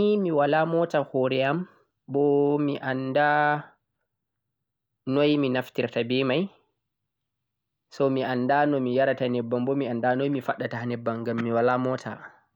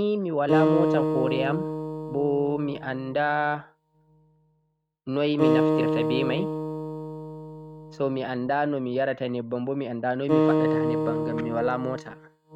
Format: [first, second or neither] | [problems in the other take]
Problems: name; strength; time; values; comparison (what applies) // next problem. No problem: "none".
first | noise reduction (neural mask model RNNoise)